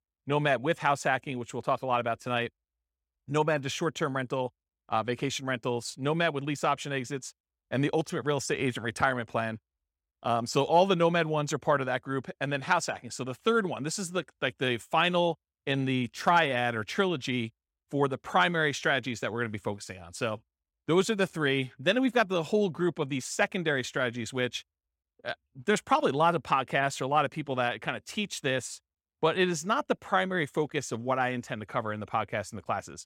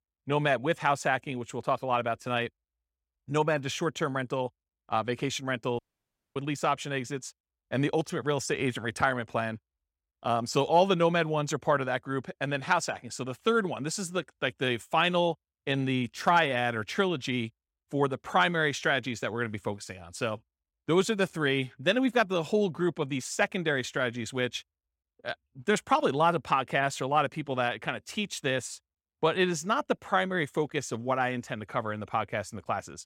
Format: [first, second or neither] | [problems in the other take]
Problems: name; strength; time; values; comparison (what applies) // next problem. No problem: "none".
first | audio cutting out; at 6 s for 0.5 s